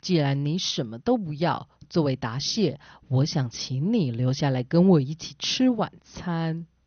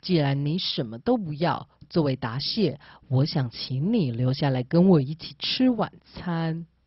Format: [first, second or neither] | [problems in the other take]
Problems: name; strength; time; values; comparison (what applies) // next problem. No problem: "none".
first | garbled, watery; badly; nothing above 5.5 kHz; slightly in the first